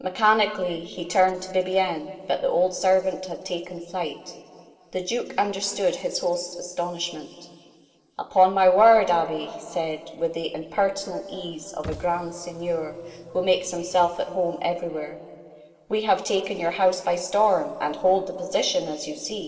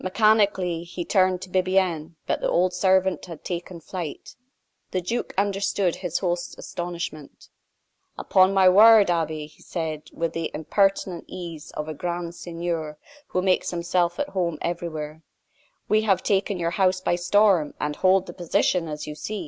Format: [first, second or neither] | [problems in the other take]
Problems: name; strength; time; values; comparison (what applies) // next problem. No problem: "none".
second | noise reduction (neural separator model SepFormer DNS4)